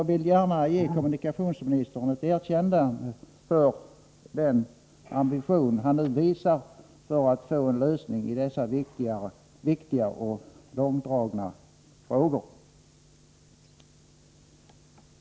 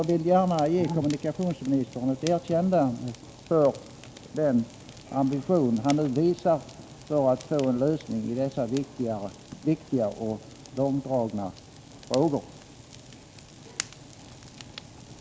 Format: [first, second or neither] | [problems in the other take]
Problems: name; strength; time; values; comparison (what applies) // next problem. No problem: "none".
first | background sound (Fire); 18 dB below the speech